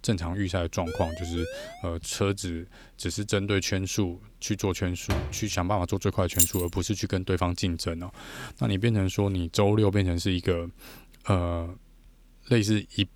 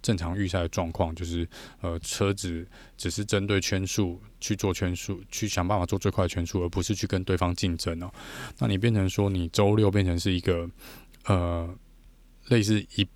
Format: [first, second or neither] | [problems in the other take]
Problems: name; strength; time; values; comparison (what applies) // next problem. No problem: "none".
second | siren; noticeable; from 1 to 2 s; peak 10 dB below the speech // door banging; noticeable; at 5 s; peak 4 dB below the speech // jangling keys; loud; at 6.5 s; peak 5 dB above the speech